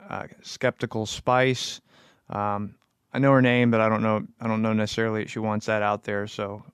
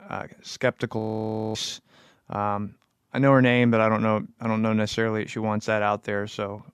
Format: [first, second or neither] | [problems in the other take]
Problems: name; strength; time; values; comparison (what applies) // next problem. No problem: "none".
first | audio freezing; at 1 s for 0.5 s